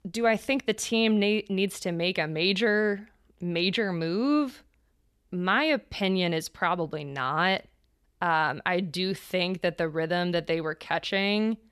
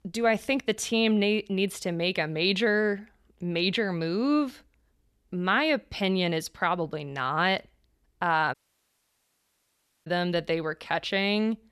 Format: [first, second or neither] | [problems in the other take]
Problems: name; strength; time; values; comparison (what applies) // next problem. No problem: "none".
first | audio cutting out; at 8.5 s for 1.5 s